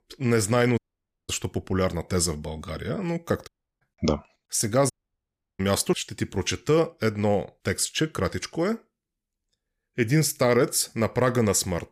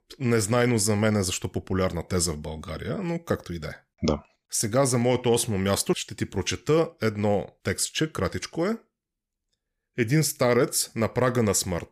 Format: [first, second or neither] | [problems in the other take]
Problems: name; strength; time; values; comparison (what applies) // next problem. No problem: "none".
second | audio cutting out; at 1 s for 0.5 s, at 3.5 s and at 5 s for 0.5 s